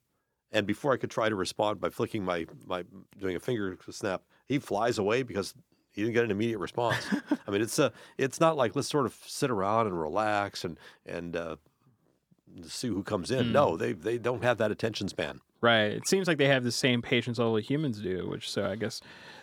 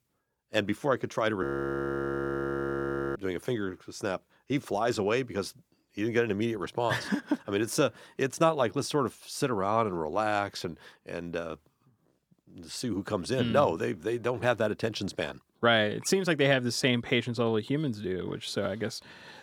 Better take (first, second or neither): first